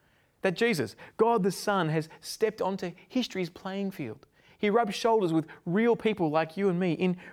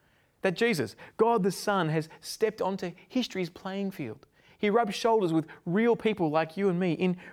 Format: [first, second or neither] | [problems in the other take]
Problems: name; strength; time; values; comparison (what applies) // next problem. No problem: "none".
neither | none